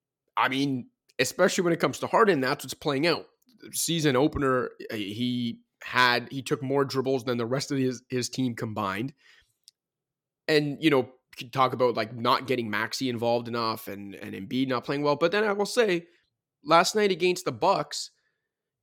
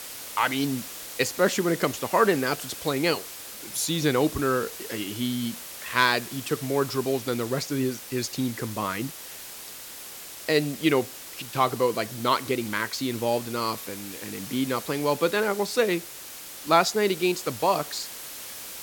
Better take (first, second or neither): first